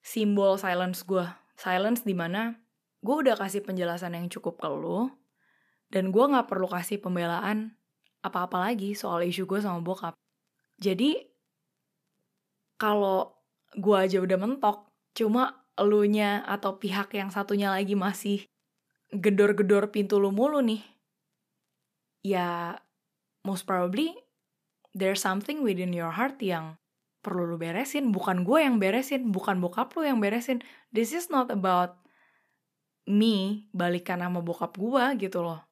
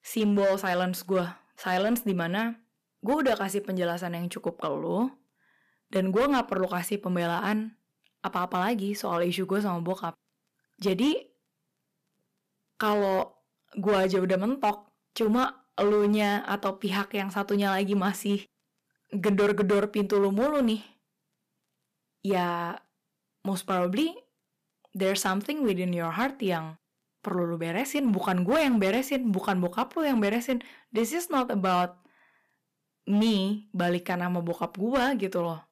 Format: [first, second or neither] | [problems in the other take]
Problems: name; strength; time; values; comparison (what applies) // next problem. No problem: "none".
first | distortion; slight; 5% of the sound clipped